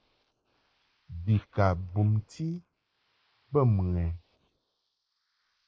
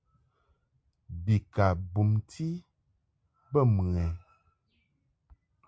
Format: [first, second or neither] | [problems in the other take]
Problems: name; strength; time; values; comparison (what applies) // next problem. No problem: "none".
second | noise reduction (neural mask model Resemble Enhance denoiser)